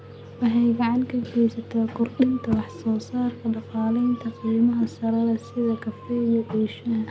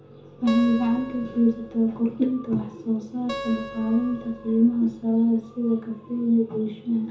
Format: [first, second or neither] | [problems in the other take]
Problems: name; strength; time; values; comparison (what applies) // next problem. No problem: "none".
first | background sound (Acoustic guitar); 15 dB below the speech // room echo; dies away in 0.6 s